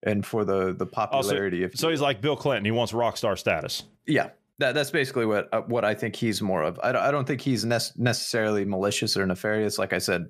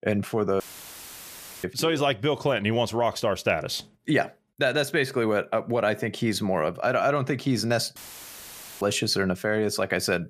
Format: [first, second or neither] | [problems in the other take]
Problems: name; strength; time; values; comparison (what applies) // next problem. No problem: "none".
first | audio cutting out; filled with static; at 0.5 s for 1 s and at 8 s for 1 s